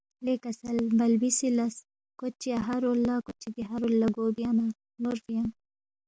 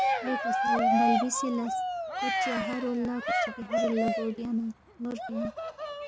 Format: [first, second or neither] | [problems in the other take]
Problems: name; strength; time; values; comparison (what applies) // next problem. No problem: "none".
first | background sound (Cheering); 2 dB above the speech